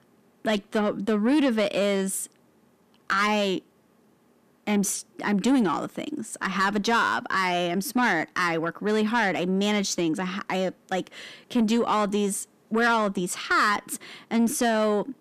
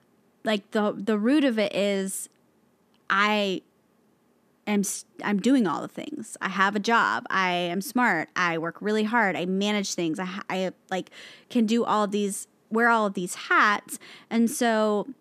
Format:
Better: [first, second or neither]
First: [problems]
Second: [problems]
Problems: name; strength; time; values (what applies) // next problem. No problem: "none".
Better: second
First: distortion; slight; 10 dB below the speech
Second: none